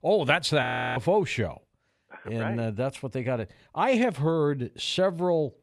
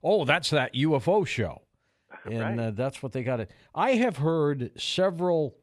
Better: second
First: audio freezing; at 0.5 s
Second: none

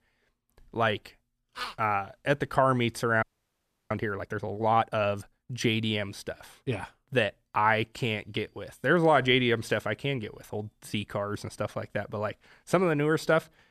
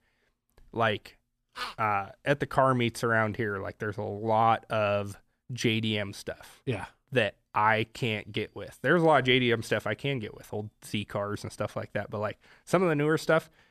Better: second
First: audio freezing; at 3 s for 0.5 s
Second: none

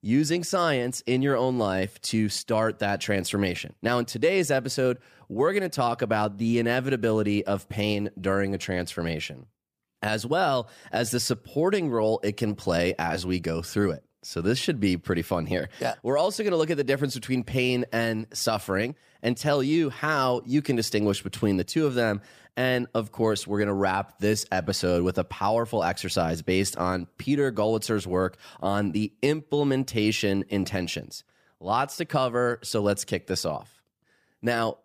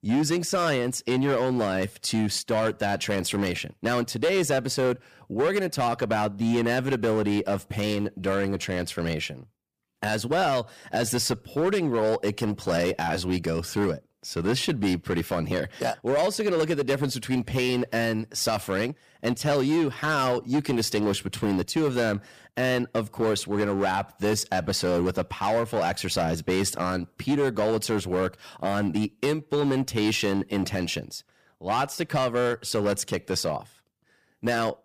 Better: first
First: none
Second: distortion; slight; 9% of the sound clipped

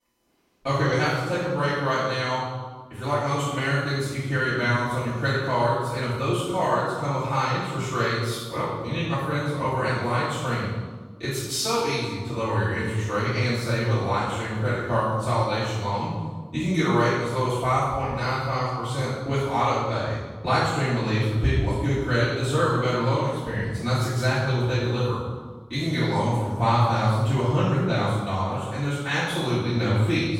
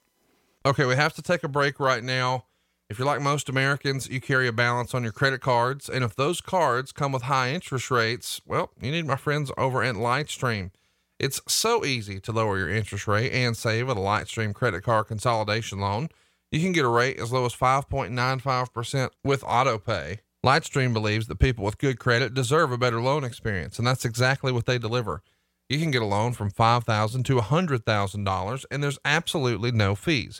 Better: second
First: room echo; strong; dies away in 1.2 s // off-mic speech; far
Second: none

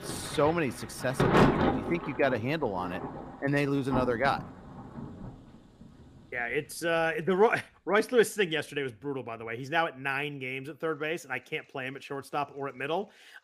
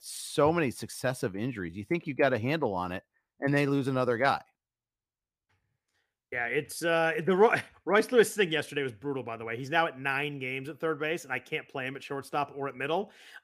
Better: second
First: rain or running water; loud; throughout; 2 dB below the speech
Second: none

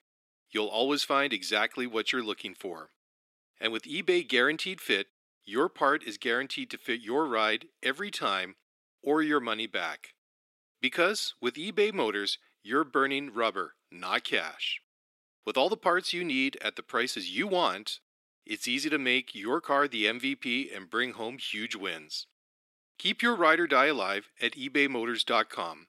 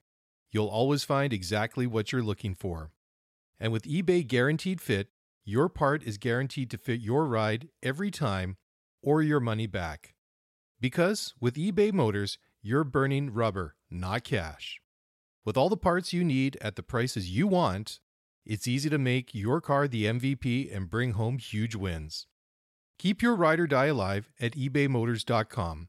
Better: second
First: thin; somewhat; fading below 300 Hz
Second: none

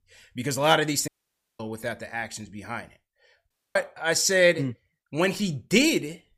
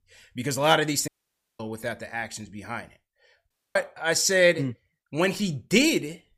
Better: neither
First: audio cutting out; at 1 s for 0.5 s and at 3.5 s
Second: audio cutting out; at 1 s for 0.5 s and at 3.5 s

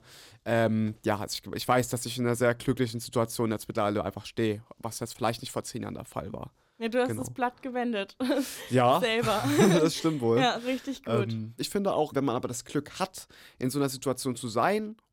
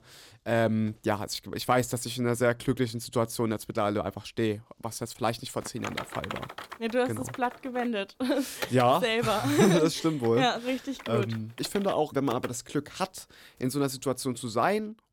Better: first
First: none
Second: keyboard typing; noticeable; from 5.5 to 12 s; peak 8 dB below the speech

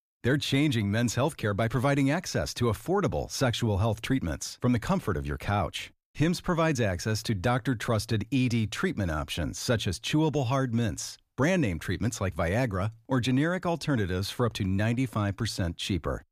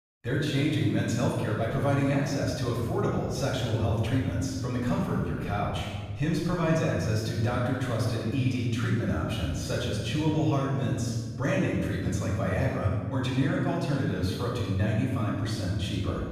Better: first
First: none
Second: room echo; strong; dies away in 1.7 s // off-mic speech; far

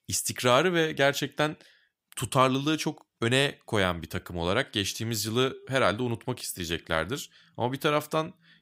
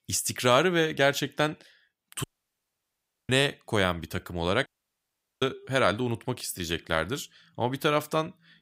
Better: first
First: none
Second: audio cutting out; at 2 s for 1 s and at 4.5 s for 1 s

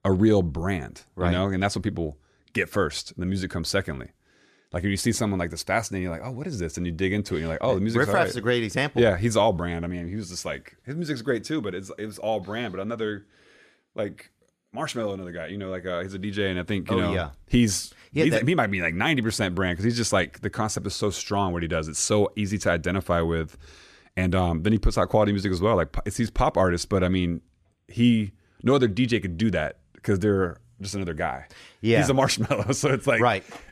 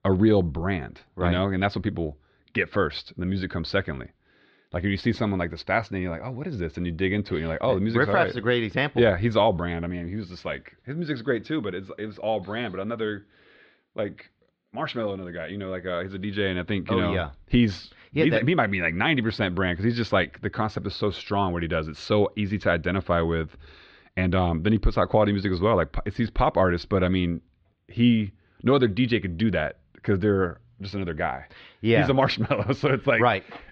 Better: first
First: none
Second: muffled; slightly; fading above 4 kHz

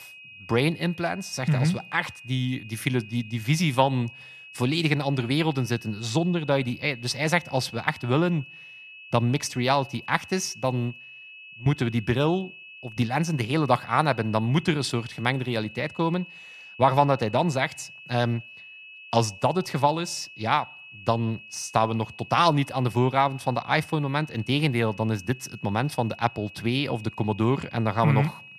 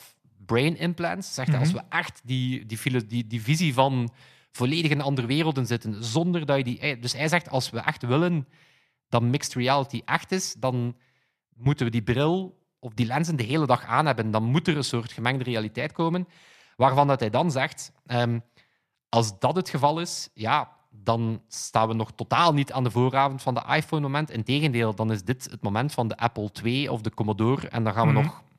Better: second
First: high-pitched whine; noticeable; throughout; 2.5 kHz, 15 dB below the speech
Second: none

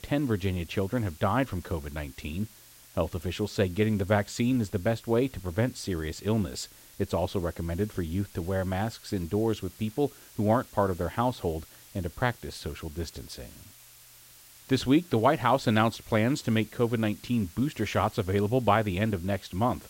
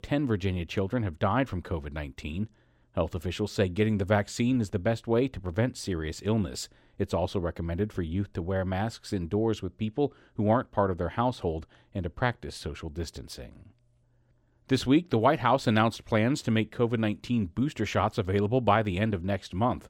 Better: second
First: hiss; faint; throughout; 20 dB below the speech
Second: none

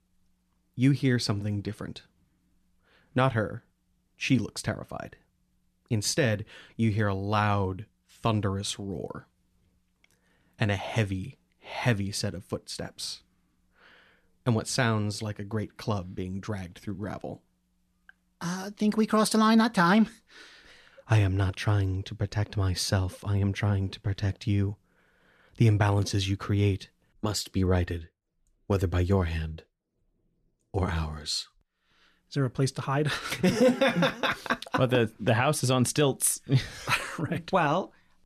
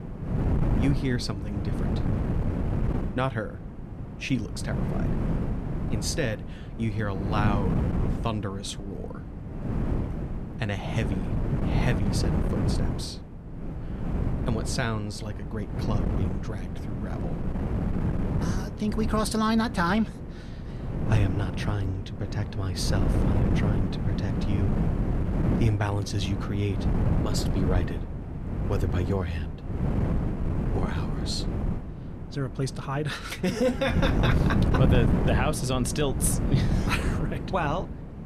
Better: first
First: none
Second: wind noise on the microphone; heavy; 5 dB below the speech

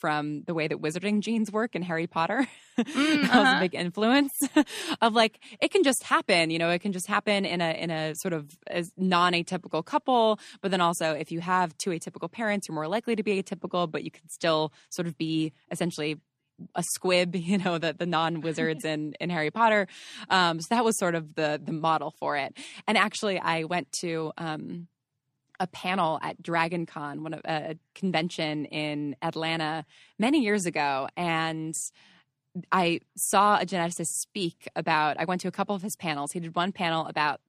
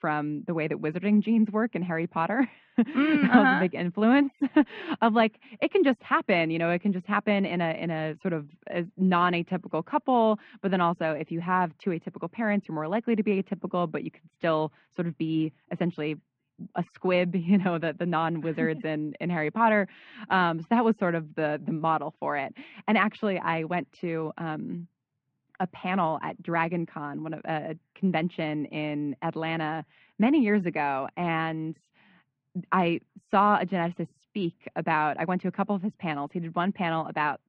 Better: first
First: none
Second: muffled; very; fading above 2.5 kHz

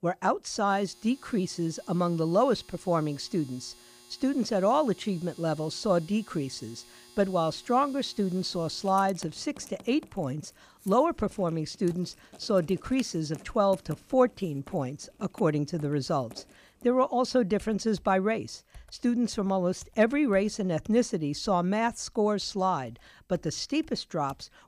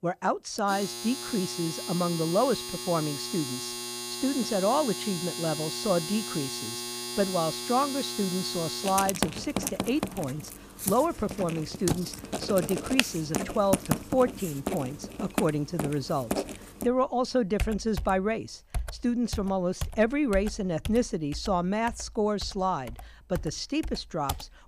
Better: first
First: household noises; faint; throughout; 25 dB below the speech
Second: household noises; loud; throughout; 5 dB below the speech

